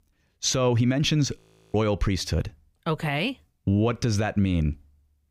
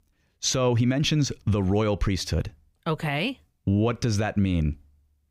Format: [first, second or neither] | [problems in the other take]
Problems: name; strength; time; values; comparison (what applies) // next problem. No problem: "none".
second | audio freezing; at 1.5 s